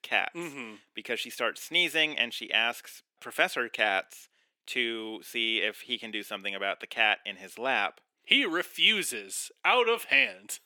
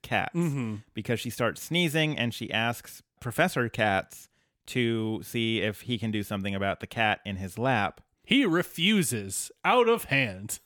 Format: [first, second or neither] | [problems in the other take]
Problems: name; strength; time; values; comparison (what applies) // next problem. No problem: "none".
second | thin; somewhat; fading below 300 Hz